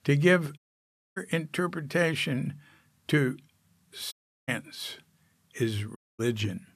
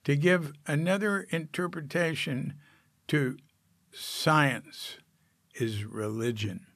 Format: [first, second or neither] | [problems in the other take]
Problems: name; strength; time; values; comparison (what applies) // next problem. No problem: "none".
second | audio cutting out; at 0.5 s for 0.5 s, at 4 s and at 6 s